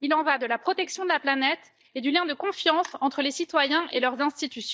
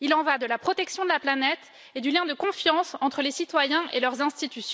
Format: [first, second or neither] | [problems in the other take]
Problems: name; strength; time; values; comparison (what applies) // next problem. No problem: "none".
second | noise reduction (neural mask model DeepFilterNet 3)